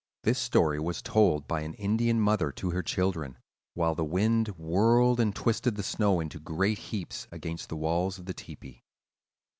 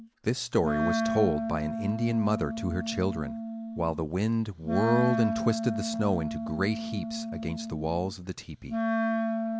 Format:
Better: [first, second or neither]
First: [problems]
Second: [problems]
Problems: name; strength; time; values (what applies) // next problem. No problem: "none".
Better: first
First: none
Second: background sound (Wind instrument, woodwind instrument); 2 dB below the speech